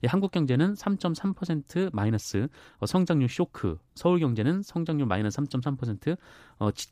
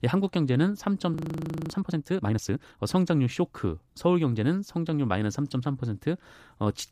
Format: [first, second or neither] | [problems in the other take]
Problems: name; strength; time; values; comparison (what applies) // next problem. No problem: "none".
first | audio freezing; at 1 s for 0.5 s